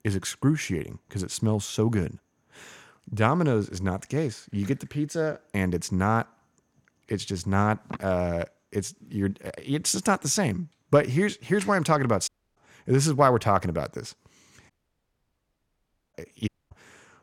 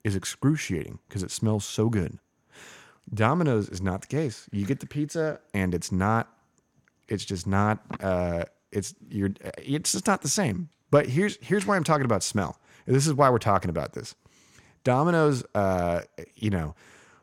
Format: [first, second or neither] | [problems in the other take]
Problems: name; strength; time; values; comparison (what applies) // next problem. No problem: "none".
second | audio cutting out; at 12 s, at 15 s for 1.5 s and at 16 s